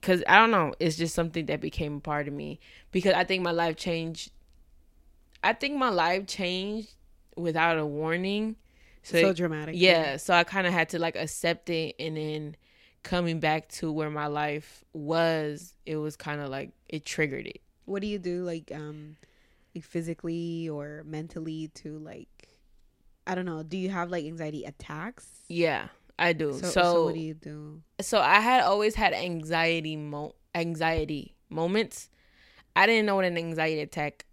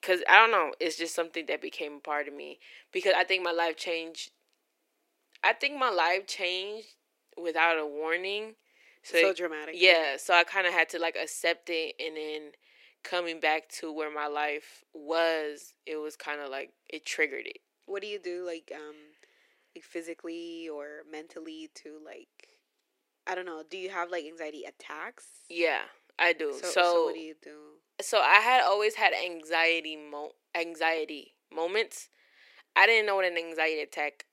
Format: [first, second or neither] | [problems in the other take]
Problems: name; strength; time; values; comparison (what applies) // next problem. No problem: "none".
first | thin; very; fading below 350 Hz